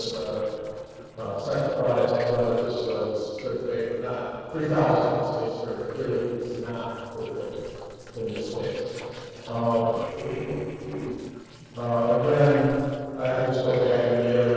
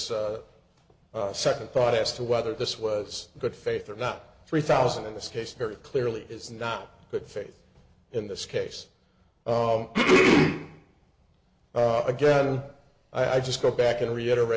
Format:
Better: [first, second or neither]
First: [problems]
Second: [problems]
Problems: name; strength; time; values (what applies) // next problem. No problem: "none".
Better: second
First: noise reduction (neural separator model SepFormer DNS4)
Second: none